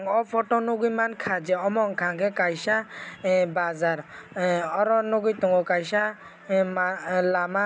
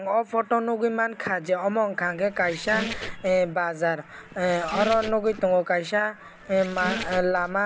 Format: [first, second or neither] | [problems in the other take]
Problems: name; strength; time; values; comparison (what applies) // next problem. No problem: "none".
first | background sound (Squeak); 10 dB below the speech